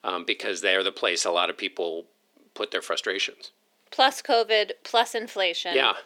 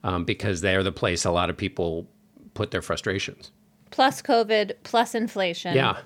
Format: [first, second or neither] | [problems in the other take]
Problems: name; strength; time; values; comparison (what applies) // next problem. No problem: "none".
second | thin; somewhat; fading below 350 Hz